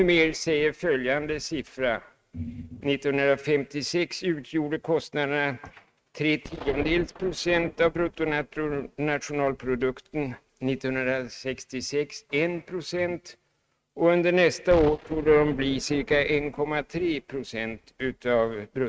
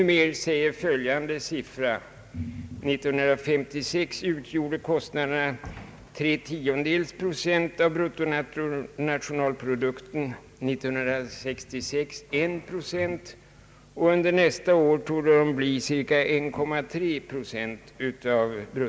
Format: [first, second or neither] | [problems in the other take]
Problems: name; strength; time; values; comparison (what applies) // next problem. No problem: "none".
second | noise reduction (neural mask model RNNoise)